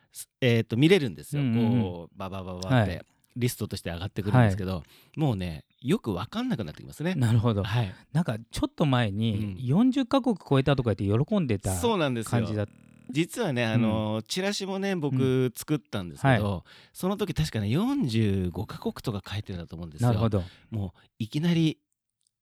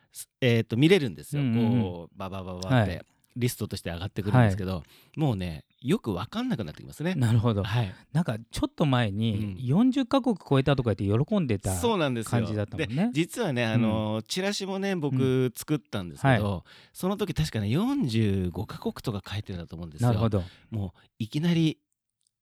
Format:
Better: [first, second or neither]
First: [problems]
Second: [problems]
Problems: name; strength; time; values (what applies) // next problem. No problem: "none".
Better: second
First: audio freezing; at 13 s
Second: none